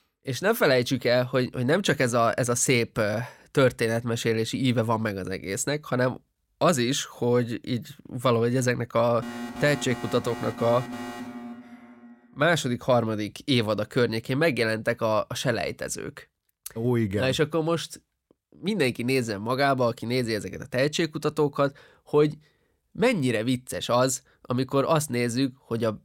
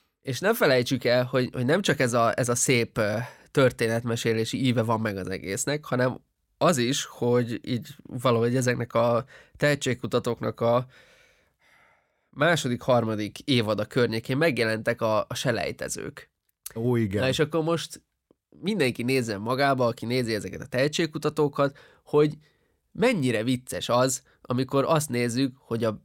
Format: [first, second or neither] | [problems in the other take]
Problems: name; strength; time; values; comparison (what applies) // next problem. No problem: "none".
second | alarm; noticeable; from 9 to 12 s; peak 10 dB below the speech